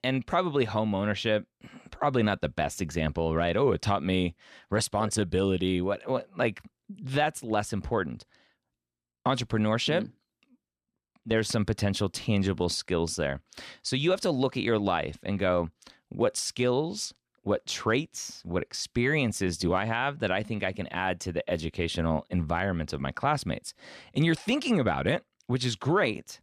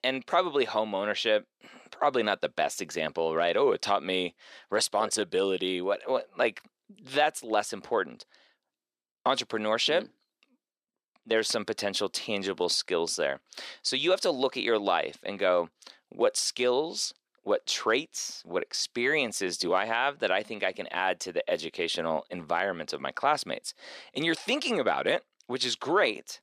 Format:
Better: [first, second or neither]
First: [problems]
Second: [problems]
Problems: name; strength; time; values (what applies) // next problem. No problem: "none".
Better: first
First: none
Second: thin; somewhat; fading below 450 Hz